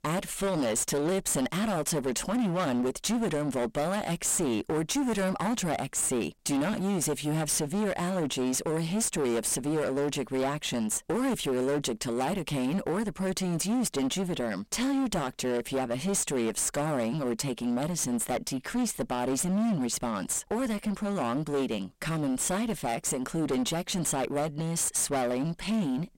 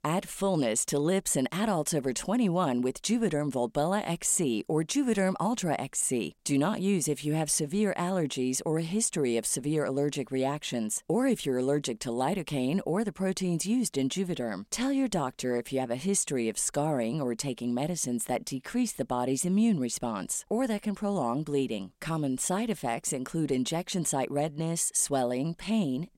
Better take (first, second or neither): second